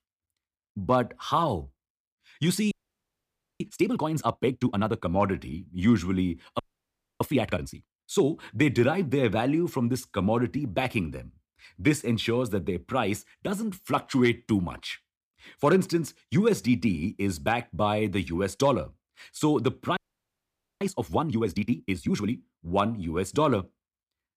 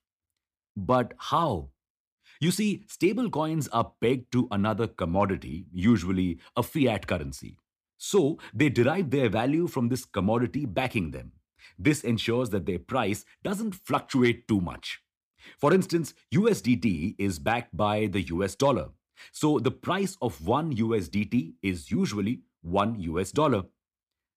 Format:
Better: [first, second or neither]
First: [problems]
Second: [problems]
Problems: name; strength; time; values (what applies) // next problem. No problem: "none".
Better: second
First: audio freezing; at 2.5 s for 1 s, at 6.5 s for 0.5 s and at 20 s for 1 s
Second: none